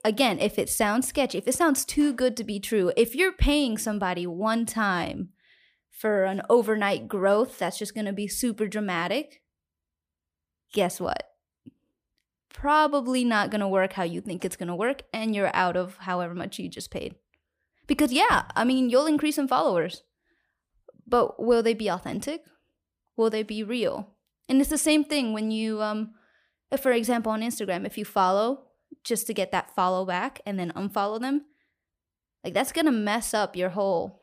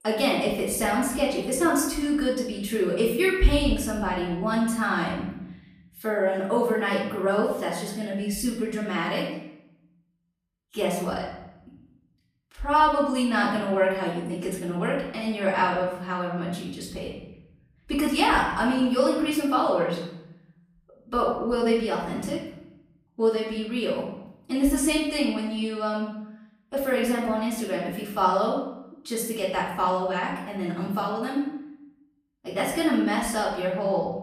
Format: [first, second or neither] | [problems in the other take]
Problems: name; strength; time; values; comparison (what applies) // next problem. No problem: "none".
first | off-mic speech; far // room echo; noticeable; dies away in 0.8 s